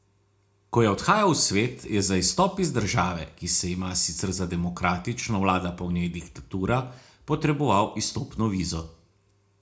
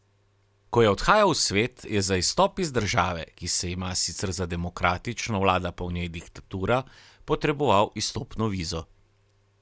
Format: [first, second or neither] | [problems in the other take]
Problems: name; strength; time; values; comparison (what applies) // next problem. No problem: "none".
second | room echo; dies away in 0.3 s